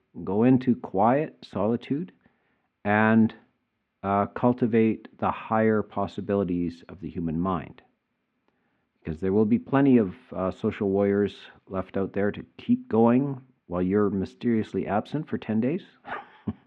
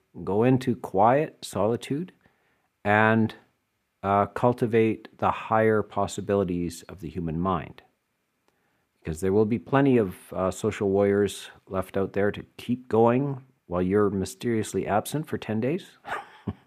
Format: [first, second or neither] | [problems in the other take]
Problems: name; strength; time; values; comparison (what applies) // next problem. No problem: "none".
second | muffled; slightly; fading above 3.5 kHz